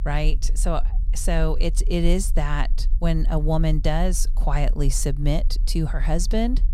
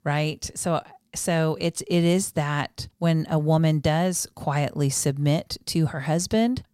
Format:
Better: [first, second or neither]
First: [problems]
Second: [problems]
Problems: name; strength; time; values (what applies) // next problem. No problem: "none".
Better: second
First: low rumble; faint; throughout; 25 dB below the speech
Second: none